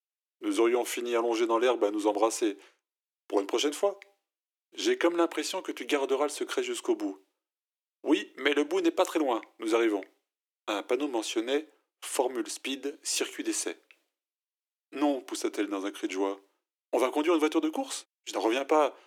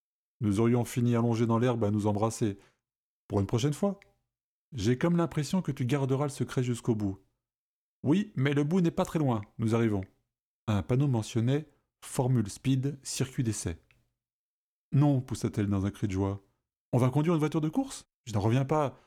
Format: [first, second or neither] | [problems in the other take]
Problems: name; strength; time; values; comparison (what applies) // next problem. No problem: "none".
second | thin; very; fading below 300 Hz